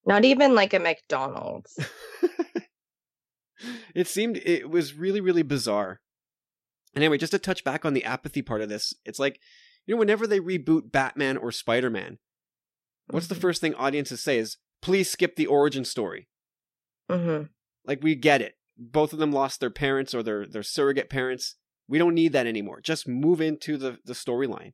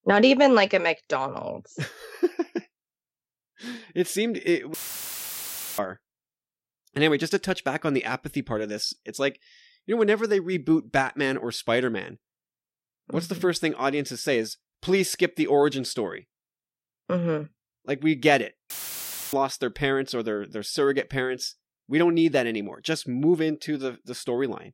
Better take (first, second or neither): first